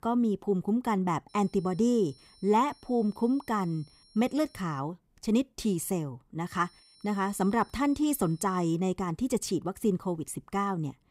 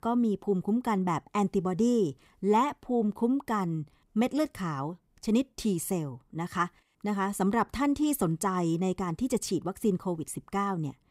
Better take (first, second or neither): second